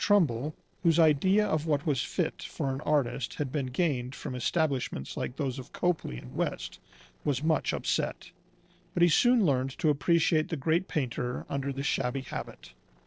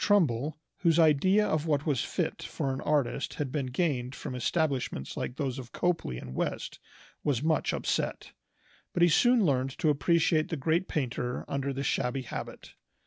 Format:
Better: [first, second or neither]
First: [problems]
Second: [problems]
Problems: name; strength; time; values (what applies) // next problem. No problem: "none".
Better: second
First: noise reduction (neural separator model SepFormer DNS4)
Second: none